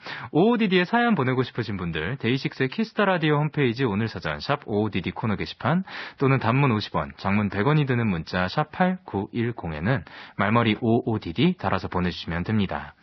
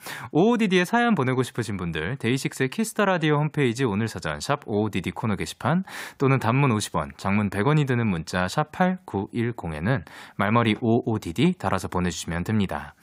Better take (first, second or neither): second